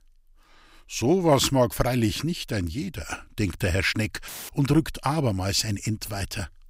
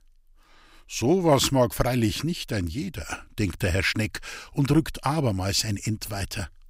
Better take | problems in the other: second | audio cutting out; filled with static; at 4.5 s

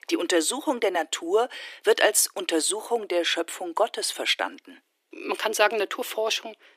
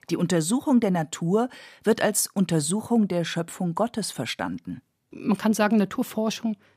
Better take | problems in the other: second | thin; very; fading below 300 Hz

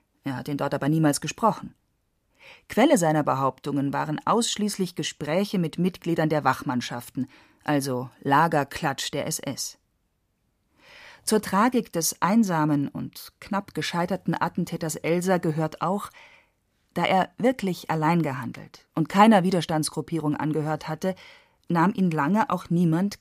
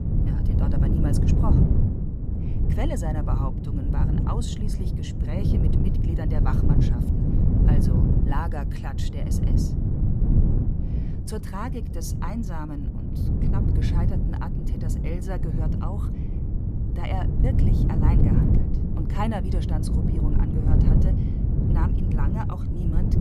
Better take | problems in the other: first | wind noise on the microphone; heavy; 1 dB above the speech

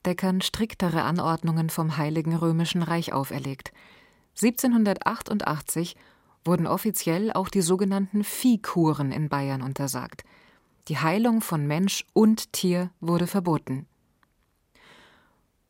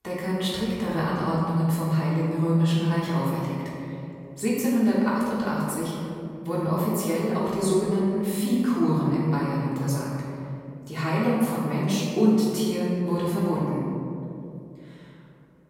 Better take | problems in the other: first | off-mic speech; far // room echo; strong; dies away in 2.7 s

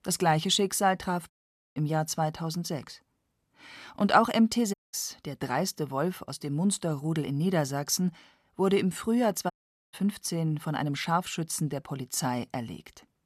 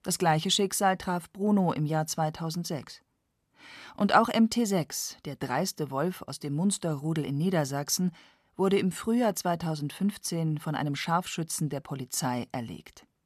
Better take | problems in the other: second | audio cutting out; at 1.5 s, at 4.5 s and at 9.5 s

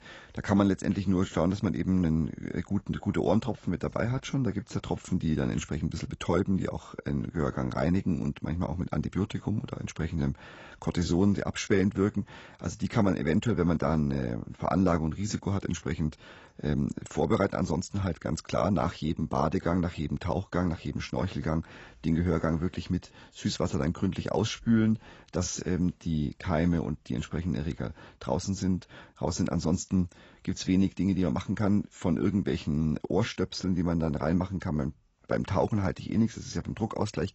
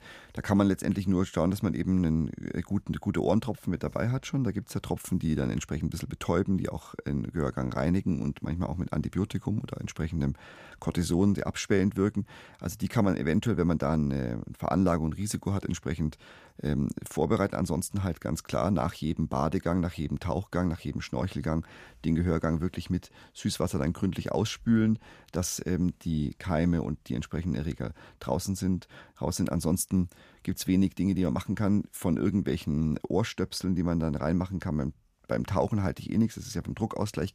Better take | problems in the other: second | garbled, watery; badly; nothing above 7.5 kHz

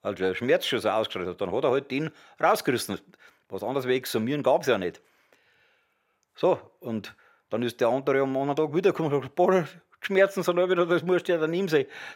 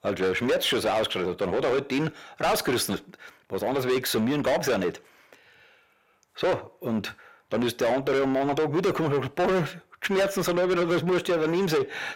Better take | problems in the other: first | distortion; heavy; 6 dB below the speech

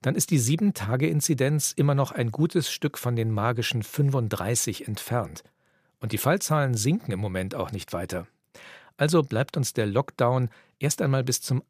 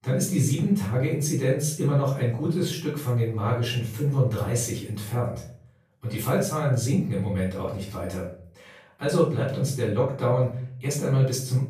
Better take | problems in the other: first | off-mic speech; far // room echo; noticeable; dies away in 0.4 s

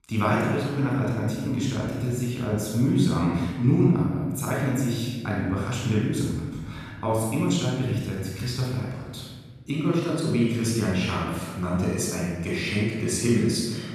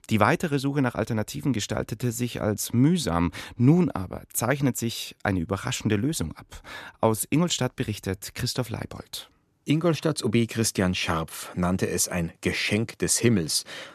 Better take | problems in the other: second | off-mic speech; far // room echo; strong; dies away in 1.6 s

